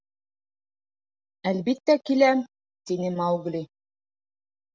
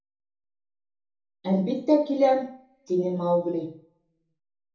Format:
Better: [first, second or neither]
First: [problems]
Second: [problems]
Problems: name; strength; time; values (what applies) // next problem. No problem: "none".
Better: first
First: none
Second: room echo; dies away in 1 s